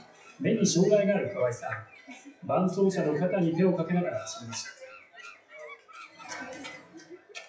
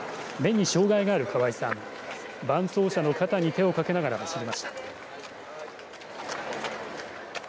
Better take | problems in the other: second | noise reduction (classical method WPE with log-MMSE)

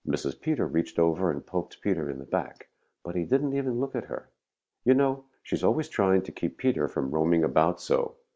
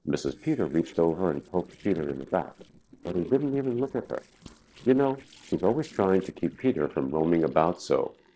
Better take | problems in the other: first | noise reduction (neural separator model SepFormer DNS4)

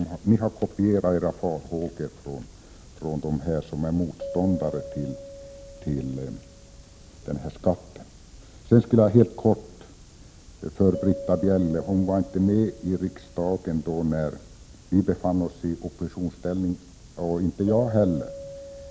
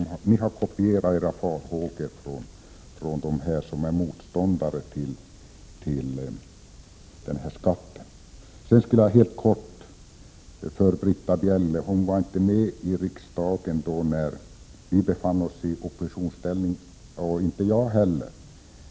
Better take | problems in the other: second | background sound (Keyboard (musical)); 17 dB below the speech

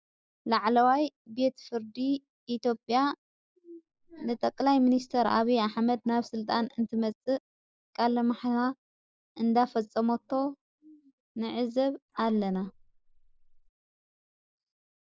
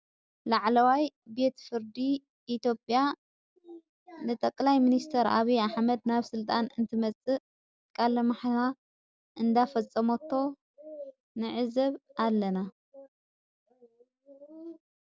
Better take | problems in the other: second | noise reduction (neural mask model Resemble Enhance denoiser)

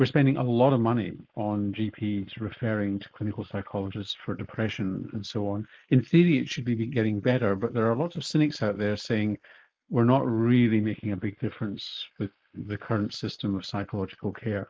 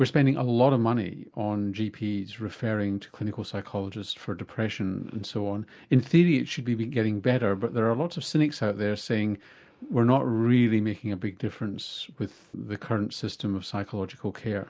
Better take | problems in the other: second | noise reduction (neural mask model Resemble Enhance denoiser)

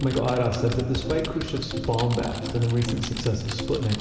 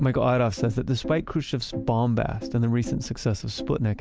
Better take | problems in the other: second | background sound (Typing); 12 dB below the speech // room echo; dies away in 2.3 s

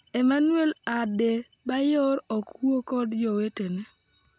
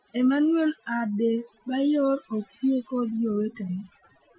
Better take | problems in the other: first | noise reduction (classical method Wiener filter)

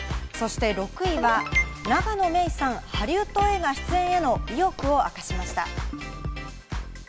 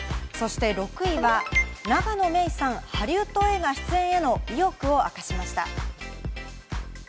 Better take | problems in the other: second | background sound (Walk, footsteps + Organ); 16 dB below the speech

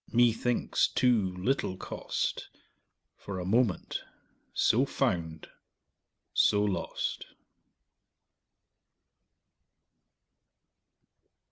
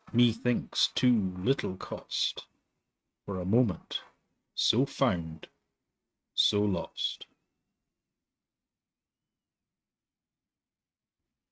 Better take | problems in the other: first | noise reduction (neural mask model RNNoise)

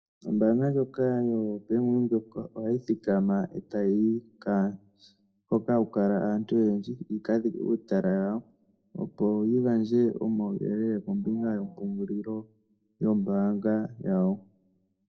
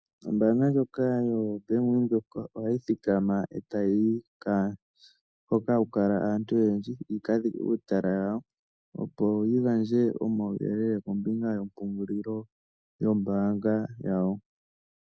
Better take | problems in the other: second | noise reduction (neural separator model SepFormer DNS4)

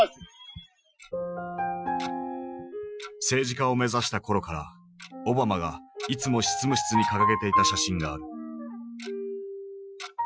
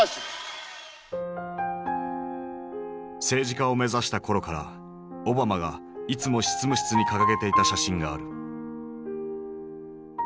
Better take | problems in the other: second | noise reduction (classical method Wiener filter)

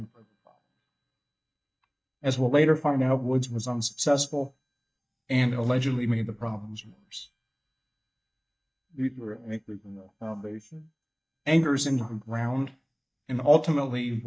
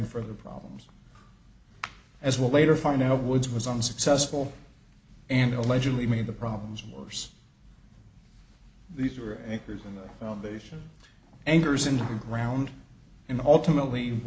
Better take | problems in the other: second | noise reduction (neural mask model DeepFilterNet 3)

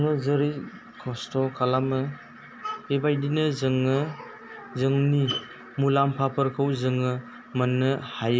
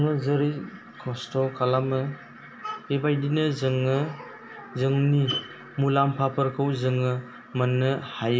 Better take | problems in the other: first | room echo; dies away in 0.6 s

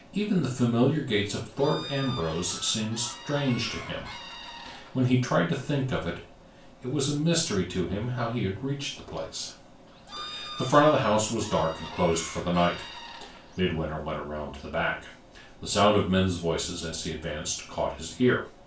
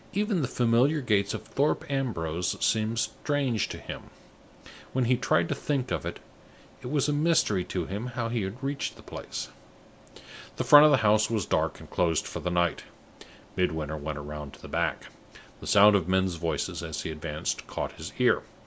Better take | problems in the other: second | background sound (Bird / Fowl); 14 dB below the speech // room echo; dies away in 0.3 s

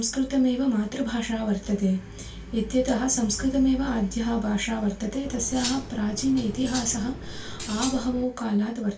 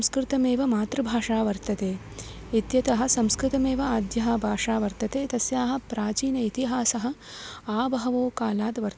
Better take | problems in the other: second | background sound (Cutlery, silverware); 9 dB below the speech // room echo; dies away in 0.2 s

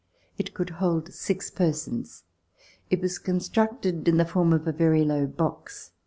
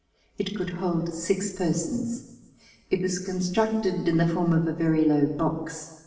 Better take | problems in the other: first | room echo; dies away in 1.1 s

